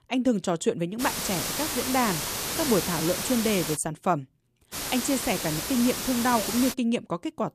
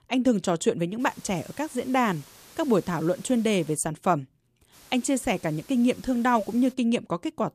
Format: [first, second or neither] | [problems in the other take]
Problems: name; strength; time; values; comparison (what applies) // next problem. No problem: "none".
second | hiss; loud; from 1 to 4 s and from 4.5 to 6.5 s; 2 dB below the speech; faint in the second